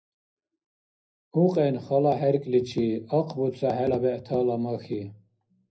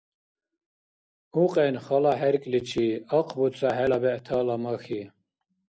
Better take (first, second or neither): second